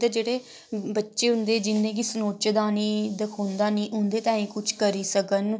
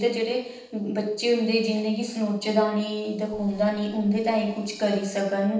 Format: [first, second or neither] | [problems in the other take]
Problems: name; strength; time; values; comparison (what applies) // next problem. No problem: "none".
first | noise reduction (neural separator model SepFormer DNS4)